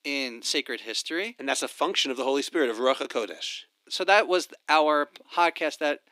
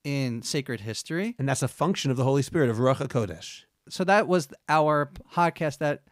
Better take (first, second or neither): second